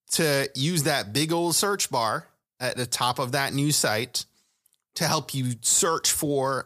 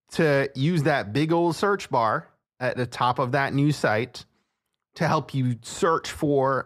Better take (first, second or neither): first